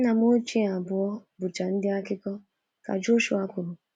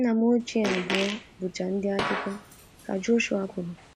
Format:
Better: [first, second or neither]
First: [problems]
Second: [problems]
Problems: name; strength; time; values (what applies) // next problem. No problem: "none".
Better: first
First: none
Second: background sound (Fart); 8 dB below the speech